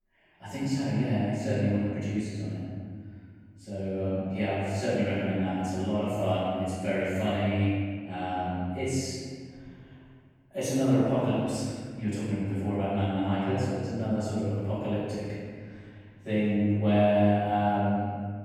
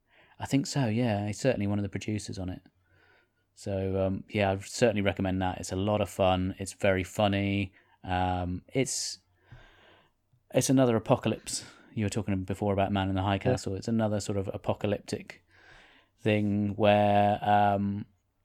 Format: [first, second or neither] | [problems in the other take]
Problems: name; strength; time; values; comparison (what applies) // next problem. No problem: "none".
second | off-mic speech; far // room echo; strong; dies away in 2 s